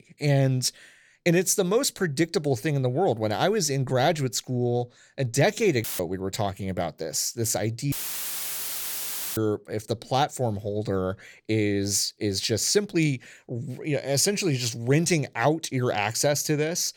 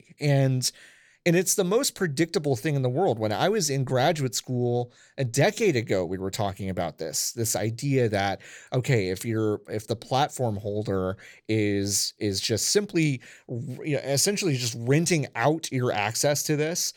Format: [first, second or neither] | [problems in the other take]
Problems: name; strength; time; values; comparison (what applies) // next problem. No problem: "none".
second | audio cutting out; filled with static; at 6 s and at 8 s for 1.5 s